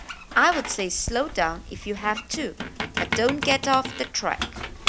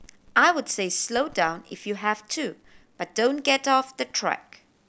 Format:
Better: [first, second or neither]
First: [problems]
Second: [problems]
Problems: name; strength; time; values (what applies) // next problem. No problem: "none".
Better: second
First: background sound (Squeak); 6 dB below the speech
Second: none